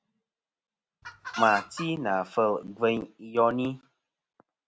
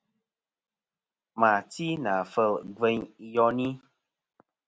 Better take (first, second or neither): second